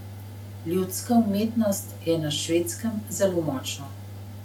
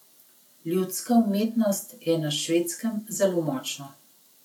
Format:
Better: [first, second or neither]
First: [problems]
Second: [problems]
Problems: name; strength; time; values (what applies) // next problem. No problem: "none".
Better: second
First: background sound (Mechanical fan); 12 dB below the speech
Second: none